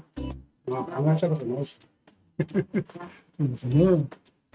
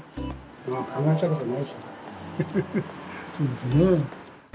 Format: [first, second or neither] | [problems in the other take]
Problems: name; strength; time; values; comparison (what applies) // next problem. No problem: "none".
second | noise reduction (neural mask model RNNoise)